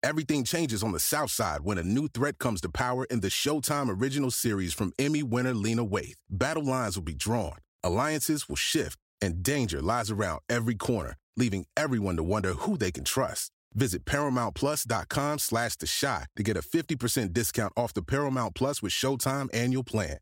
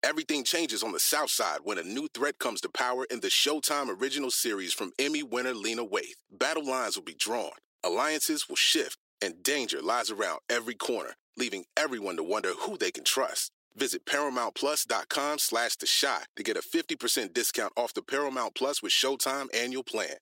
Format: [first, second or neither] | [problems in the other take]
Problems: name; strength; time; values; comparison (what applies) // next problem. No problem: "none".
first | thin; somewhat; fading below 350 Hz